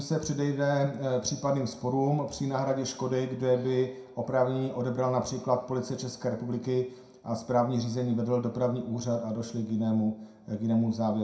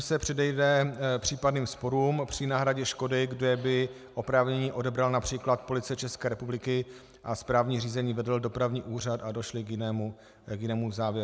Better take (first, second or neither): second